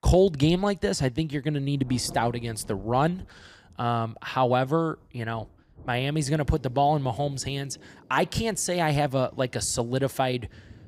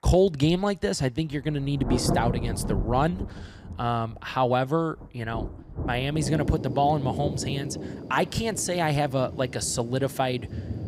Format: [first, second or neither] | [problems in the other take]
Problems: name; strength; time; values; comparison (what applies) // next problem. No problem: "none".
first | rain or running water; loud; throughout; 7 dB below the speech; faint in the first